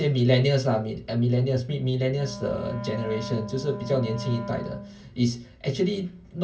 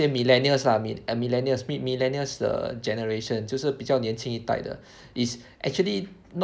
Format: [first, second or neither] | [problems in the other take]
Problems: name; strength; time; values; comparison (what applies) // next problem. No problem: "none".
second | background sound (Wind instrument, woodwind instrument); 12 dB below the speech // room echo; dies away in 0.1 s